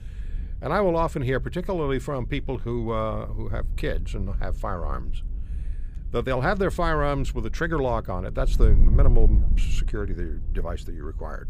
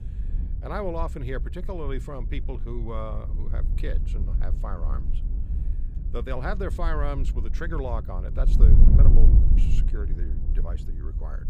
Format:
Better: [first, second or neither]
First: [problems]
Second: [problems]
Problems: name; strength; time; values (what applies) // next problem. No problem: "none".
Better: first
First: wind noise on the microphone; occasional gusts; 20 dB below the speech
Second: wind noise on the microphone; heavy; 8 dB below the speech